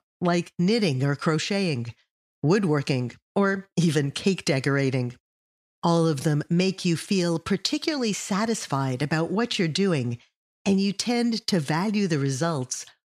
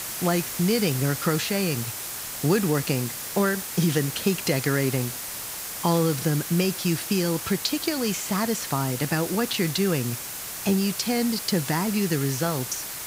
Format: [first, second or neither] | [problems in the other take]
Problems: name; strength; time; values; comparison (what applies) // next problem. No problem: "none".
first | hiss; loud; throughout; 6 dB below the speech